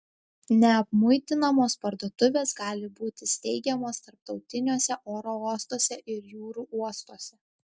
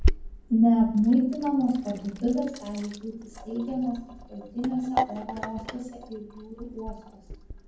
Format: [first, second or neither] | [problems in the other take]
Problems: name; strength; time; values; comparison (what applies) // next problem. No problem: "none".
first | background sound (Sink (filling or washing)); 6 dB below the speech // room echo; dies away in 0.9 s